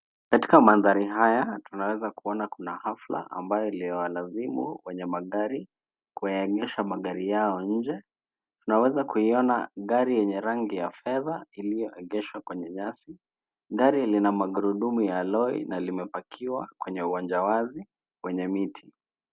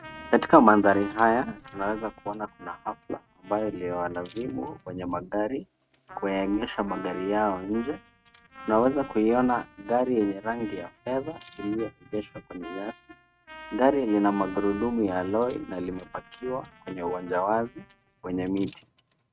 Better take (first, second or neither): first